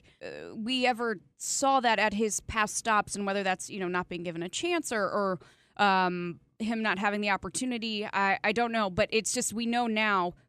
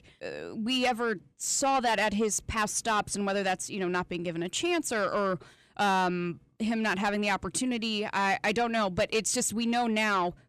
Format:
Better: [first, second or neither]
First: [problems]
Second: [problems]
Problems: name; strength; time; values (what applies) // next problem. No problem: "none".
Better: first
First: none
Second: distortion; slight; 10 dB below the speech